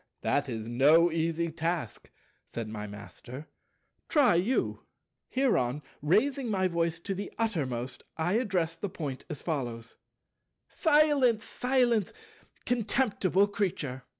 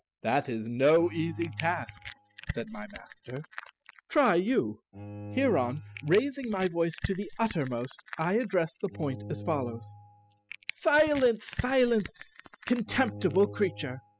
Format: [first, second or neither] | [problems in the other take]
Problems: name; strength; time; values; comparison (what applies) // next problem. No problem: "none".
first | noise reduction (classical method spectral subtraction)